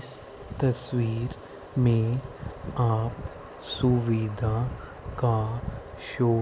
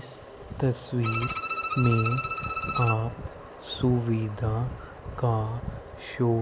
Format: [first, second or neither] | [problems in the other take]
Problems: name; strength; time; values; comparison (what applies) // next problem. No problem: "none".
first | background sound (Bowed string instrument); 5 dB below the speech